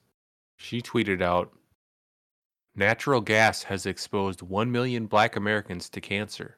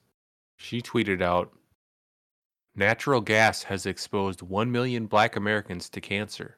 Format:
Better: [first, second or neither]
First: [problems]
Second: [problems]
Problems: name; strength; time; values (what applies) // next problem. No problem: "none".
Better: neither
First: none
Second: none